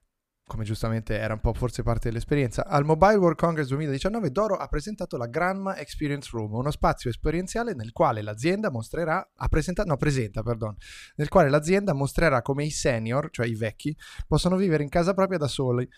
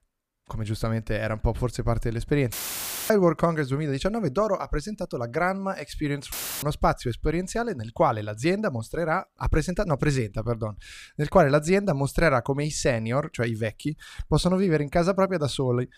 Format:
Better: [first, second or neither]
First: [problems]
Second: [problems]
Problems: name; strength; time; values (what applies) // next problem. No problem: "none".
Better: first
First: none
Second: audio cutting out; filled with static; at 2.5 s for 0.5 s and at 6.5 s